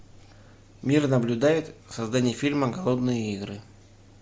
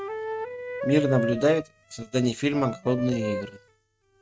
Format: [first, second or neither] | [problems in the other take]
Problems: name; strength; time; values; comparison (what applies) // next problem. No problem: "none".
first | noise reduction (neural mask model RNNoise)